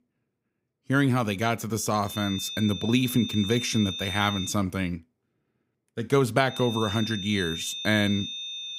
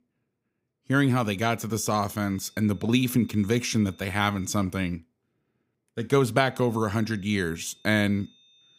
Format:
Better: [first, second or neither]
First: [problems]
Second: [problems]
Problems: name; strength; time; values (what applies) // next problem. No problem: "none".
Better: second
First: high-pitched whine; loud; from 2 to 4.5 s and from 6.5 s on; 3.5 kHz, 7 dB below the speech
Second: high-pitched whine; faint; from 2 to 4.5 s and from 6.5 s on; 3.5 kHz, 30 dB below the speech